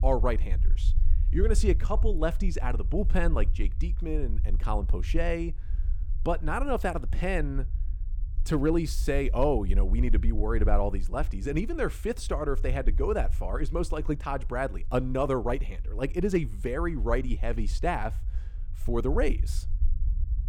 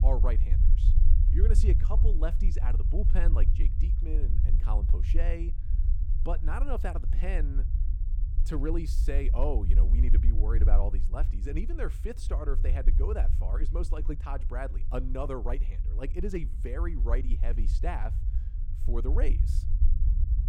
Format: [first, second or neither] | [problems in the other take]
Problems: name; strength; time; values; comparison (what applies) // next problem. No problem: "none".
first | low rumble; loud; throughout; 10 dB below the speech; faint in the first